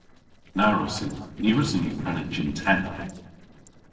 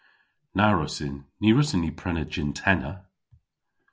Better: second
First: noise reduction (neural separator model SepFormer DNS4)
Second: none

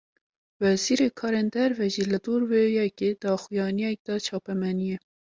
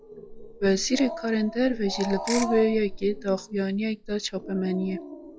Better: first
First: none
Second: noise reduction (classical method log-MMSE)

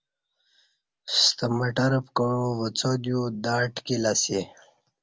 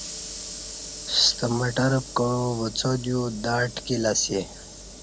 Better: first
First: none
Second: background sound (Sliding door / Hiss); 12 dB below the speech

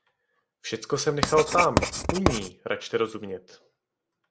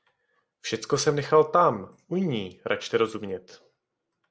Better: second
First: background sound (Writing); 1 dB below the speech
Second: none

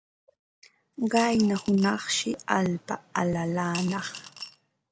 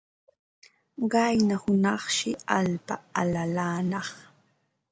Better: second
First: background sound (Coin (dropping) / Glass); 14 dB below the speech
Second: none

